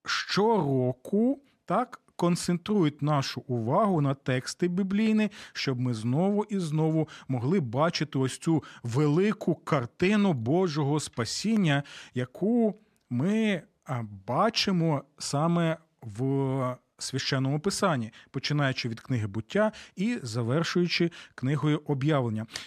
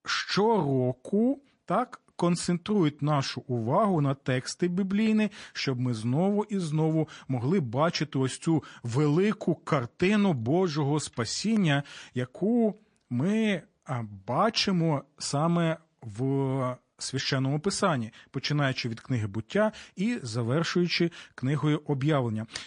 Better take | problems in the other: first | garbled, watery; slightly; nothing above 10 kHz

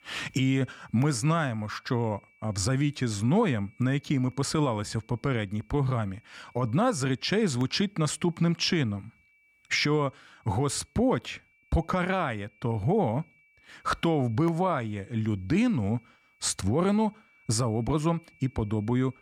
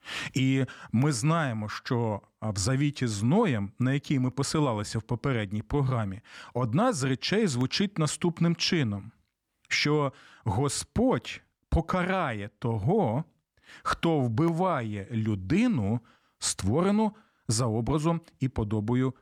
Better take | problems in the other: second | high-pitched whine; faint; throughout; 2.5 kHz, 30 dB below the speech

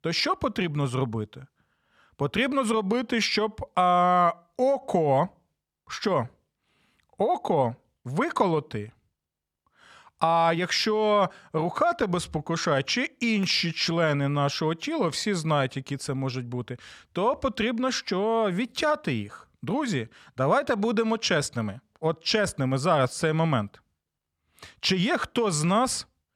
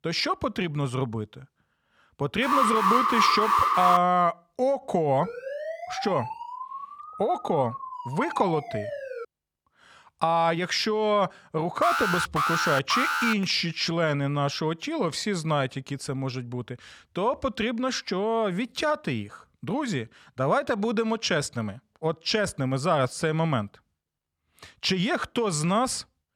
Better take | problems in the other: first | alarm; loud; from 2.5 to 4 s and from 12 to 13 s; peak 5 dB above the speech // siren; noticeable; from 5 to 9.5 s; peak 7 dB below the speech

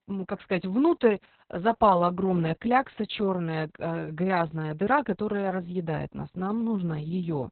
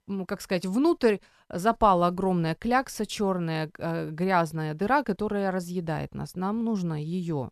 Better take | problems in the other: second | garbled, watery; badly; nothing above 4 kHz

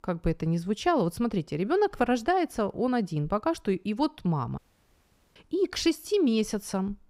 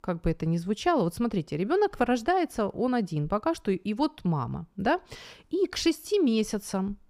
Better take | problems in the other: second | audio cutting out; at 4.5 s for 1 s

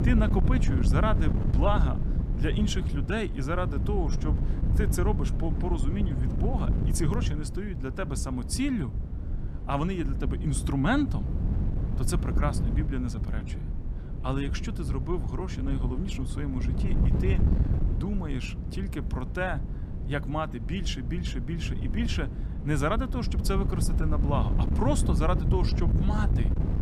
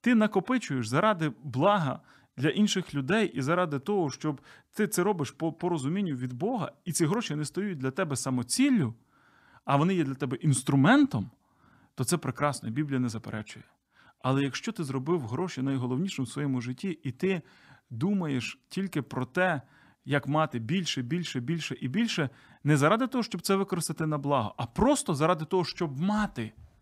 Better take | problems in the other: second | wind noise on the microphone; heavy; 7 dB below the speech

